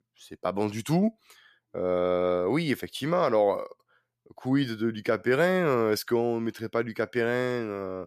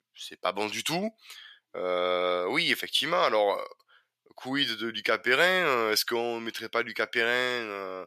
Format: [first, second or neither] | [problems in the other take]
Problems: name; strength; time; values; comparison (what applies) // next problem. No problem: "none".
first | thin; somewhat; fading below 1 kHz